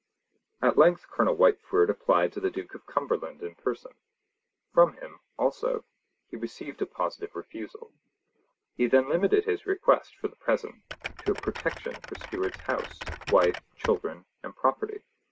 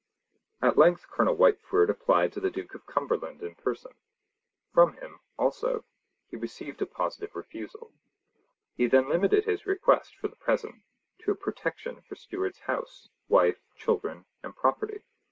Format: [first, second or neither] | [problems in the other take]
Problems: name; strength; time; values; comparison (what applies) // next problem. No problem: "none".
second | background sound (Typing); 12 dB below the speech